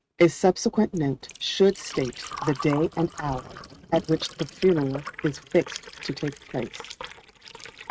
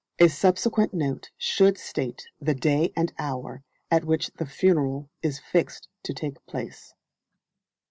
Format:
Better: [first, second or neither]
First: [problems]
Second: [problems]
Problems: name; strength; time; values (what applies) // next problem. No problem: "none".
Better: second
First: noise reduction (neural mask model RNNoise)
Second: none